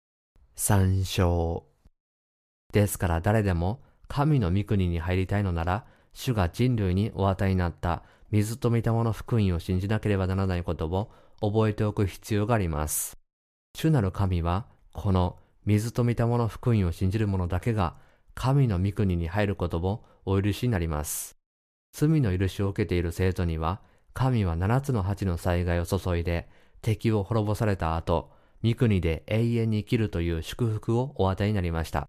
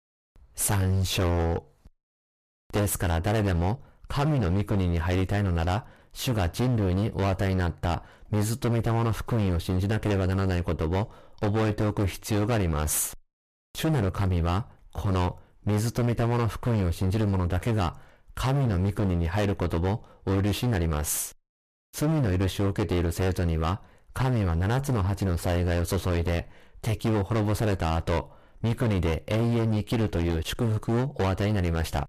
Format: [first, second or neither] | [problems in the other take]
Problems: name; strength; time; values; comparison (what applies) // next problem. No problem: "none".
first | distortion; heavy; 29% of the sound clipped